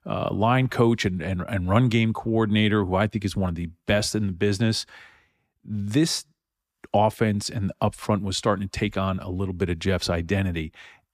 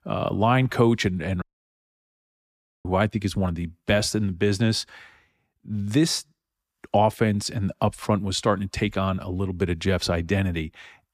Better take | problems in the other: first | audio cutting out; at 1.5 s for 1.5 s

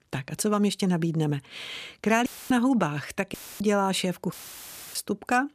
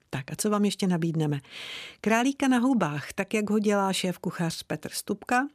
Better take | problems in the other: second | audio cutting out; filled with static; at 2.5 s, at 3.5 s and at 4.5 s for 0.5 s

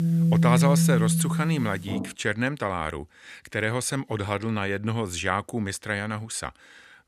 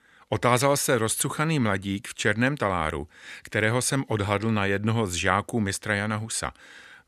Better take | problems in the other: second | background music; very loud; until 2 s; 4 dB above the speech

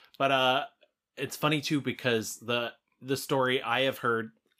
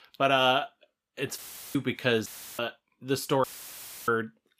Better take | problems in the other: first | audio cutting out; filled with static; at 1.5 s, at 2.5 s and at 3.5 s for 0.5 s

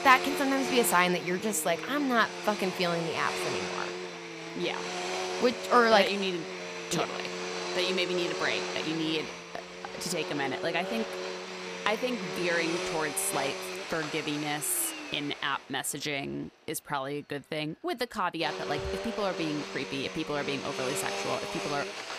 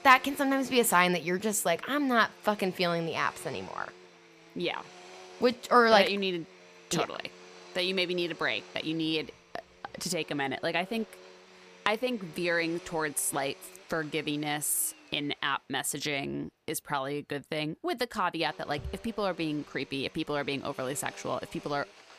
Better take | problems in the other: second | household noises; loud; throughout; 5 dB below the speech; faint in the second

